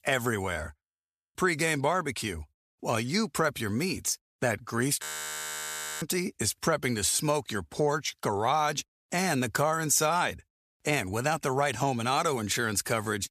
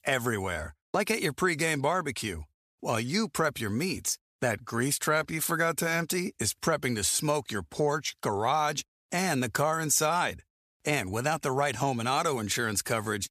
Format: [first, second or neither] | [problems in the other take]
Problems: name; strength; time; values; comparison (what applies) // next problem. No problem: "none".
second | audio freezing; at 1 s for 0.5 s and at 5 s for 1 s